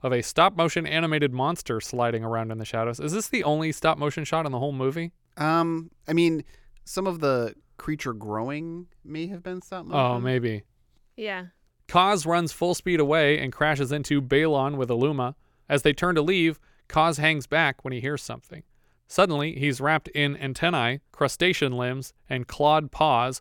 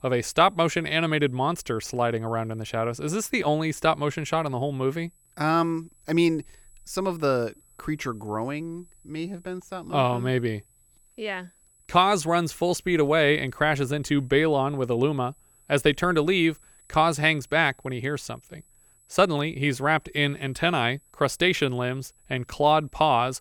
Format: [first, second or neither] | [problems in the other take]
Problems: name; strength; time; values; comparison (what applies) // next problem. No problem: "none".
first | high-pitched whine; faint; throughout; 8 kHz, 30 dB below the speech